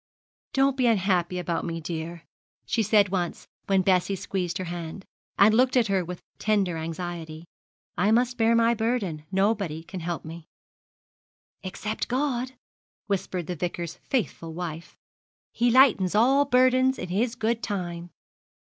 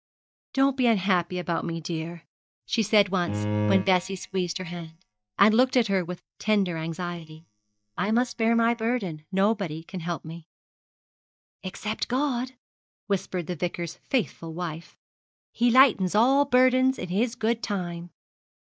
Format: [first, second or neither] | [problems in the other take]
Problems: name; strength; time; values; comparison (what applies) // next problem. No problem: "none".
first | noise reduction (neural mask model DeepFilterNet 3)